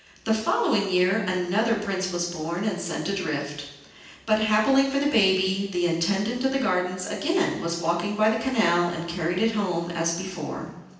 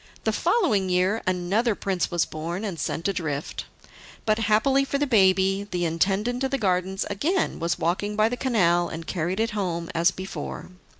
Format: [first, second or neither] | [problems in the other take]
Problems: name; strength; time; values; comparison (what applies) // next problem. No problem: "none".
second | room echo; dies away in 0.9 s